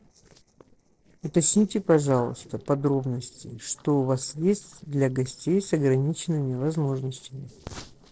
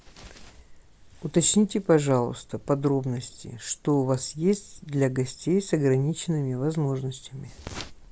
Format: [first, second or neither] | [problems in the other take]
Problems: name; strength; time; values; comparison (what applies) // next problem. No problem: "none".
second | noise reduction (neural separator model SepFormer DNS4)